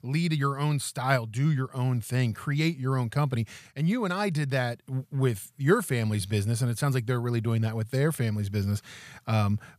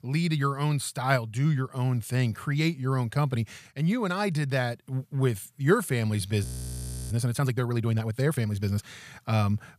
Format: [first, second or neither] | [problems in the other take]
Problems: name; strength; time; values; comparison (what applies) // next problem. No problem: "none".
first | audio freezing; at 6.5 s for 0.5 s